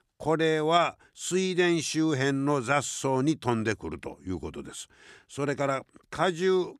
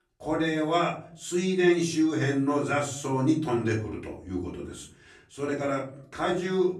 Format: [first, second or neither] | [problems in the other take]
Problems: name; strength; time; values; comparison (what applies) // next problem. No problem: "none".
first | off-mic speech; far // room echo; slight; dies away in 0.5 s